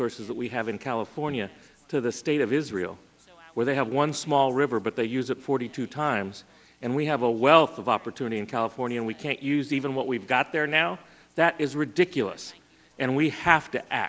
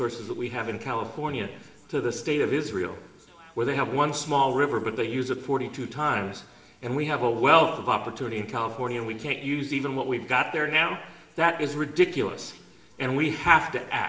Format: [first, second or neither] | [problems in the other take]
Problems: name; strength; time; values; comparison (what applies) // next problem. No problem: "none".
first | room echo; dies away in 1 s